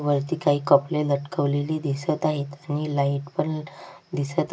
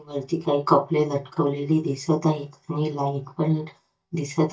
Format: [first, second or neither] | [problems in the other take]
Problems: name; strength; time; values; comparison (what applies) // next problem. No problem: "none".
first | noise reduction (neural mask model DeepFilterNet 3)